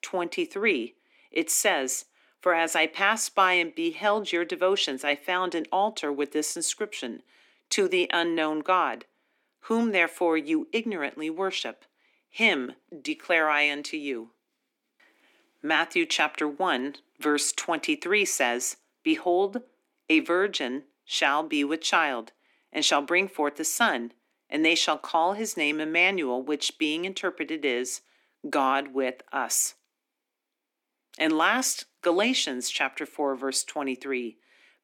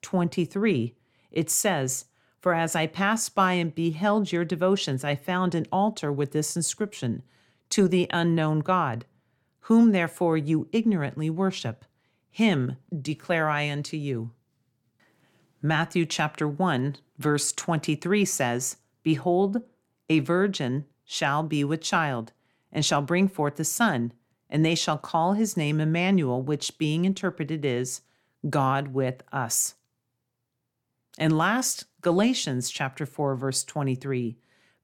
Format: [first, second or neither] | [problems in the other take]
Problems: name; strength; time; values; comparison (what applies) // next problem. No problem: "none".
second | thin; somewhat; fading below 250 Hz